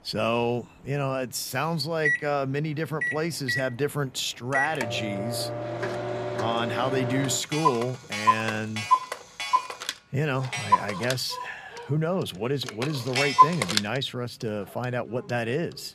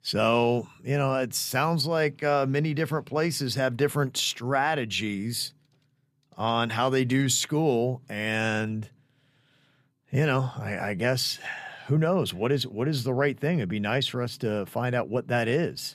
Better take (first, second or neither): second